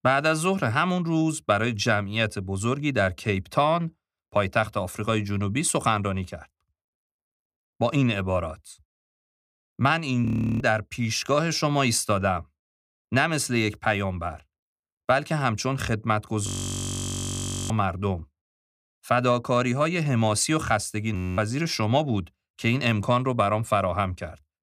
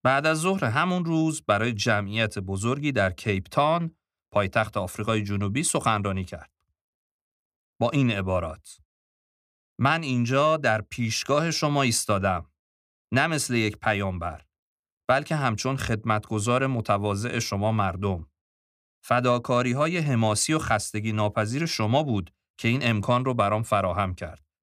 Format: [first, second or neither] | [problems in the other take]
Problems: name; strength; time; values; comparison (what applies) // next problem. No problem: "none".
second | audio freezing; at 10 s, at 16 s for 1 s and at 21 s